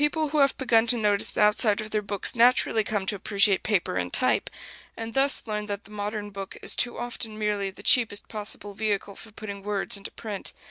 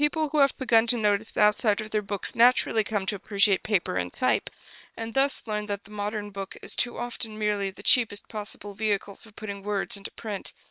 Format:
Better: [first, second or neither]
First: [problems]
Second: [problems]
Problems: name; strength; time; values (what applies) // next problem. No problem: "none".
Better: first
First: none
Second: noise reduction (neural separator model SepFormer WHAM!)